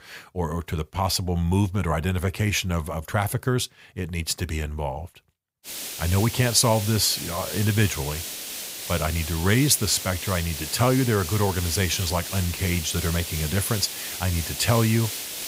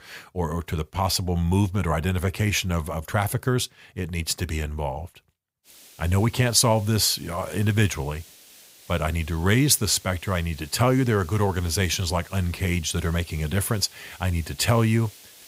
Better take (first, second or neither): second